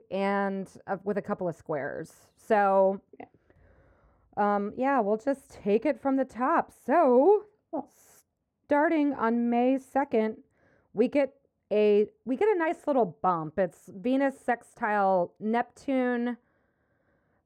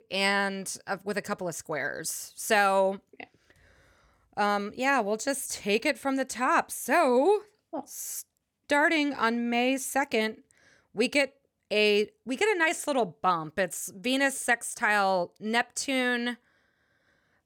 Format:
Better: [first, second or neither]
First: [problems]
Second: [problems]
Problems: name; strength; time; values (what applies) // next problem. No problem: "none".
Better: second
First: muffled; very; fading above 2 kHz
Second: none